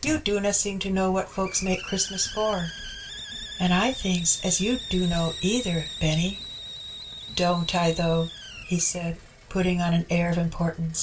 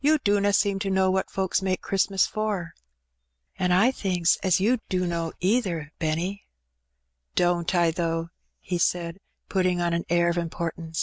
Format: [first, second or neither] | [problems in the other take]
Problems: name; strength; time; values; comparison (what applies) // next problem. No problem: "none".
second | background sound (Hiss); 12 dB below the speech // room echo; dies away in 0.2 s